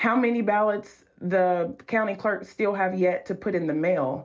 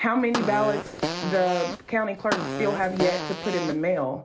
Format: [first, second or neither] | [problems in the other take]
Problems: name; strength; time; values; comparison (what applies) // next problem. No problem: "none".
first | background sound (Fart); 6 dB below the speech